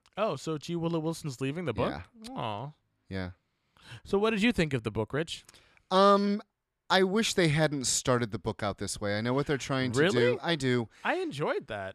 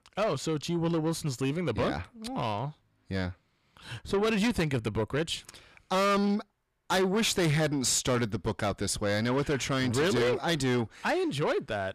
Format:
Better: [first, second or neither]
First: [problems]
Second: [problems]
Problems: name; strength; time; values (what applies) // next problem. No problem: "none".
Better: first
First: none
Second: distortion; heavy; 7 dB below the speech